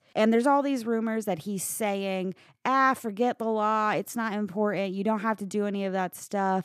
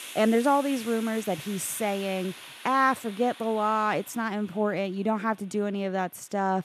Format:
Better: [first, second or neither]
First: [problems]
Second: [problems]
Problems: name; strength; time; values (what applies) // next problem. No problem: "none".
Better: first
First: none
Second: hiss; noticeable; throughout; 15 dB below the speech